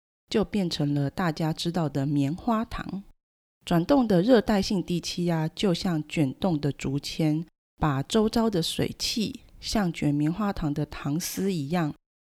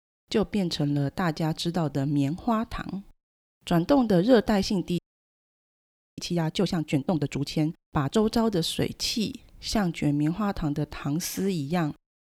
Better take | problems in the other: first | audio freezing; at 5 s for 1 s

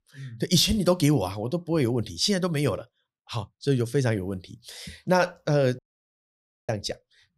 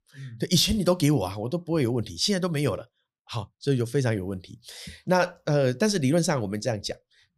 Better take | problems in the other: second | audio cutting out; at 6 s for 1 s

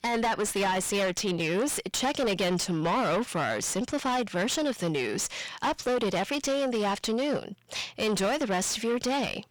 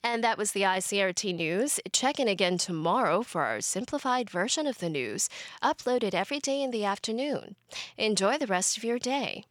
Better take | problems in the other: second | distortion; heavy; 6 dB below the speech

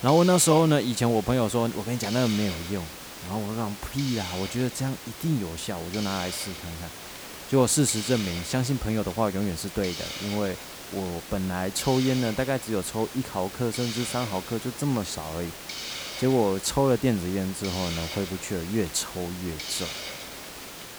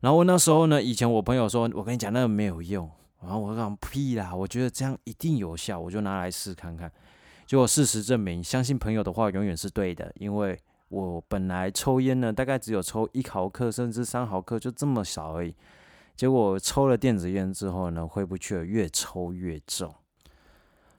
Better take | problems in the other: second | hiss; loud; throughout; 9 dB below the speech

